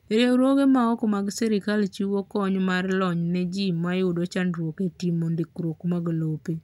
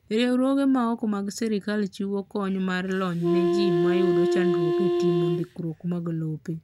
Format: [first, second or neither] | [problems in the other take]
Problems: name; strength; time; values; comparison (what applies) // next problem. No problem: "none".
first | background sound (Wind instrument, woodwind instrument); 1 dB above the speech